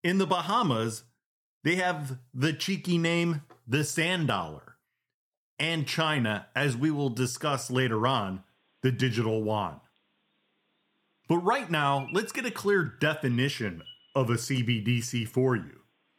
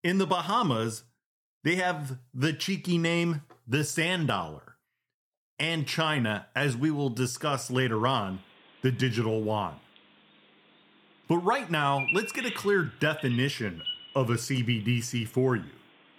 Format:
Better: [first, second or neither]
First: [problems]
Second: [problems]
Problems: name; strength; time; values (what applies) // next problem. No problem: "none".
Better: first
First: animal sounds; faint; from 7.5 s on; 20 dB below the speech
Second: animal sounds; loud; from 7.5 s on; 7 dB below the speech